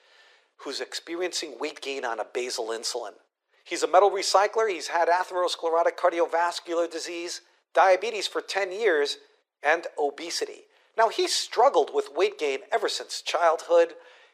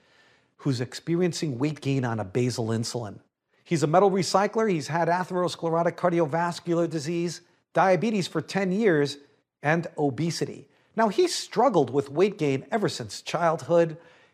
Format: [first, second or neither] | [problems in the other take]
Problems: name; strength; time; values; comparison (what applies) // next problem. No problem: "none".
second | thin; very; fading below 400 Hz